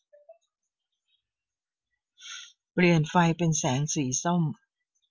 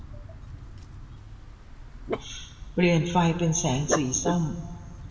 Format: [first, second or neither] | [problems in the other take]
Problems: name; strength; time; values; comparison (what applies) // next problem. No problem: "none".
first | background sound (Dog); 8 dB below the speech // room echo; dies away in 1.3 s